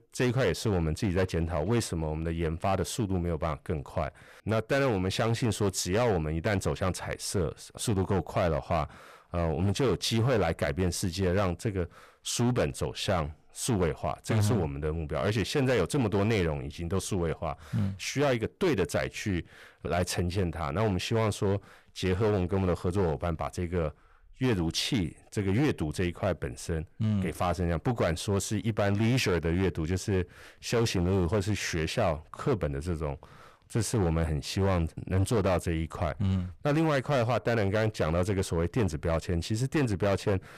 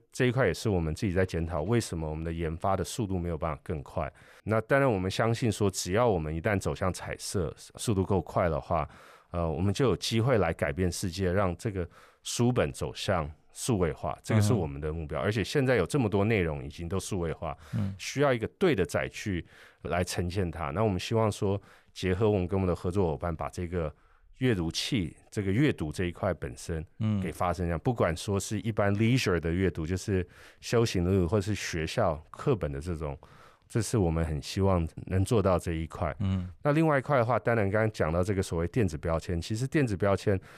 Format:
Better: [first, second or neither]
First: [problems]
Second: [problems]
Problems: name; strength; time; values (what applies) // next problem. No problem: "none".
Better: second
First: distortion; slight; 9% of the sound clipped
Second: none